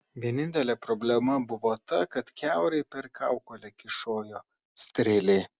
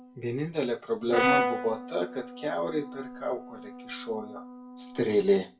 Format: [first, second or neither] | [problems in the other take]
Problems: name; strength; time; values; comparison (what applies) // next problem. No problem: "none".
first | background sound (Brass instrument); 4 dB below the speech // room echo; dies away in 0.2 s